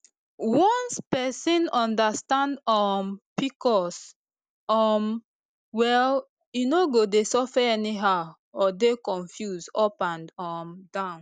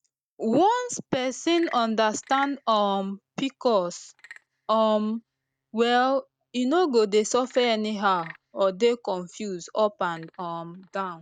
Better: first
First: none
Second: noise reduction (neural mask model DeepFilterNet 3)

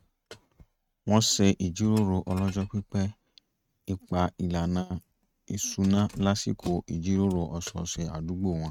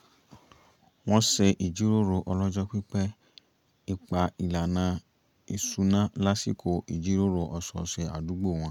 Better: second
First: noise reduction (neural mask model RNNoise)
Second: none

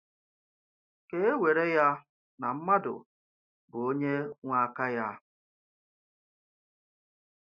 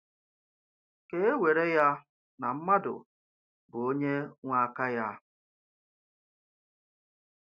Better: second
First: noise reduction (neural mask model Resemble Enhance denoiser)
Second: none

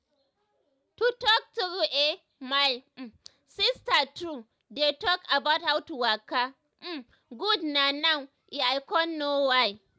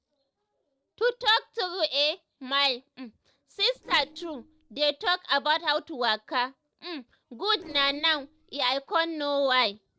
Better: first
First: none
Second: noise reduction (neural separator model SepFormer DNS4)

